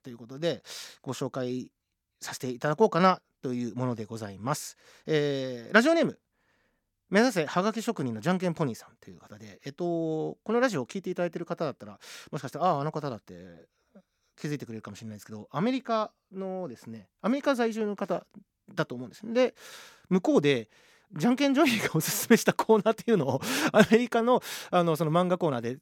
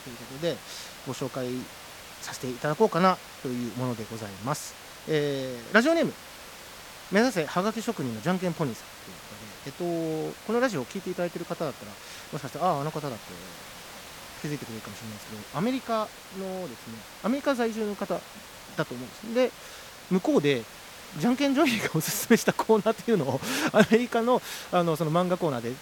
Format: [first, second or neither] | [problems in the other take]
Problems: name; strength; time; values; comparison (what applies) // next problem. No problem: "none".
first | hiss; noticeable; throughout; 15 dB below the speech